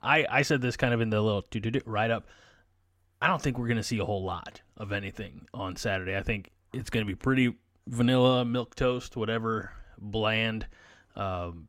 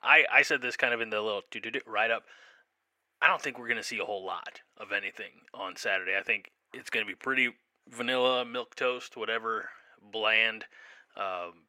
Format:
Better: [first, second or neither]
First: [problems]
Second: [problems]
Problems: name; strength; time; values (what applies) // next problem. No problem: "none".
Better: first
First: none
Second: thin; very; fading below 500 Hz